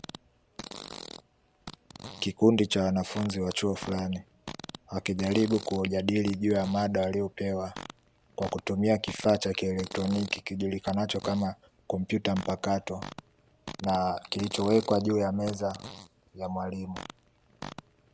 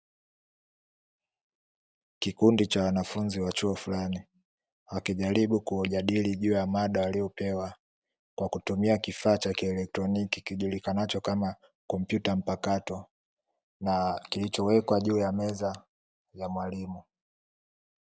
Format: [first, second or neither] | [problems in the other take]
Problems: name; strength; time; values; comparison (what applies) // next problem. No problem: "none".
second | background sound (Fart); 16 dB below the speech